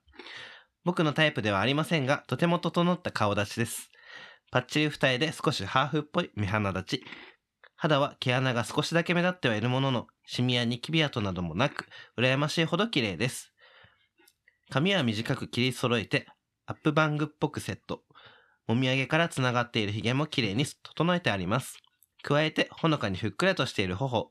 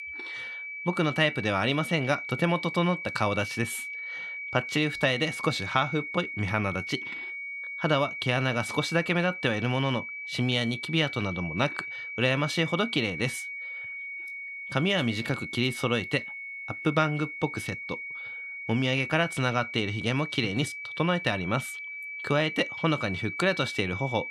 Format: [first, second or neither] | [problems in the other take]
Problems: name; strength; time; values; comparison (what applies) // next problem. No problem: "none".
first | high-pitched whine; loud; throughout; 2 kHz, 7 dB below the speech